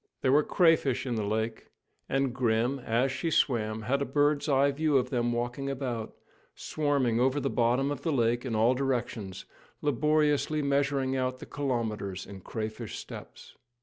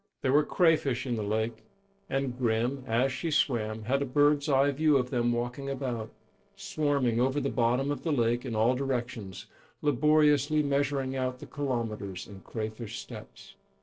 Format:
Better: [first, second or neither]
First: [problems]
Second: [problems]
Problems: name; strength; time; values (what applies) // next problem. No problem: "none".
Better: first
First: none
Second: noise reduction (neural separator model SepFormer DNS4)